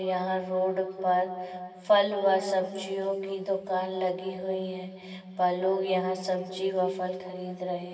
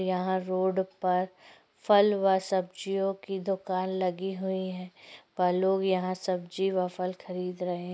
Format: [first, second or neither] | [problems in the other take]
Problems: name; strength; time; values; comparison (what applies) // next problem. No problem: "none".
second | room echo; dies away in 2.6 s